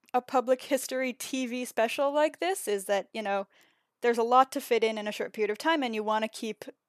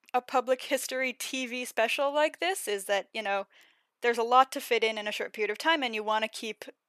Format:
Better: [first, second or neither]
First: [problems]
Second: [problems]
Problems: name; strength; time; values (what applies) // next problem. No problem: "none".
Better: first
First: none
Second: thin; very slightly; fading below 400 Hz